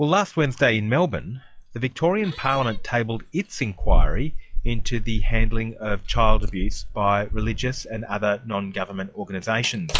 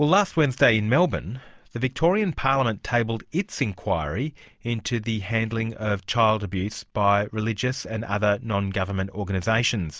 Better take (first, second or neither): second